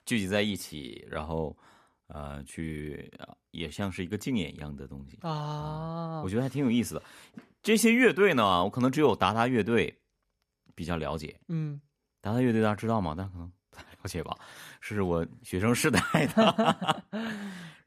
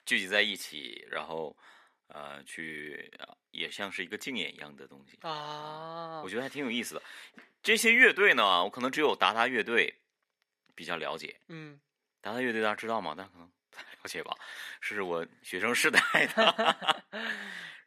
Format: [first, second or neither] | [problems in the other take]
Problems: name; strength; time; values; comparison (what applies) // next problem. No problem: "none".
first | thin; somewhat; fading below 350 Hz